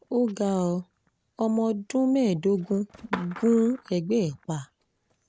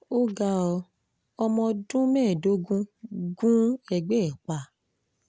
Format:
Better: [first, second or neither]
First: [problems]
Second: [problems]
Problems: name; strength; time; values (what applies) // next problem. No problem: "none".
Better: second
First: background sound (Skateboard); 18 dB below the speech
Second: none